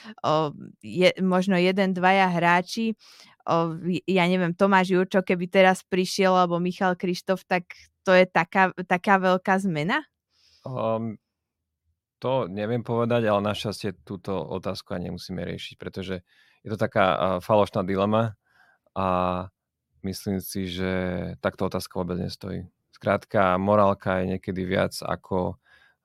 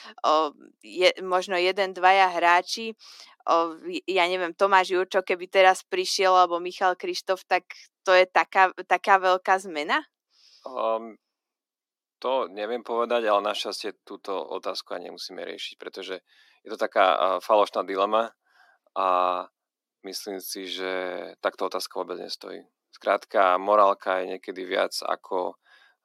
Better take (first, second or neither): first